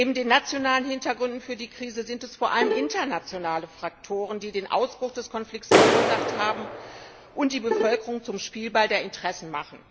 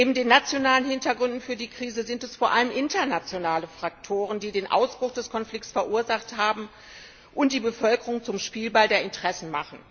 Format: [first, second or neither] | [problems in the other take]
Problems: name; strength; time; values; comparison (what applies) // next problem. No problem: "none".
second | background sound (Clapping + Bowed string instrument); 1 dB above the speech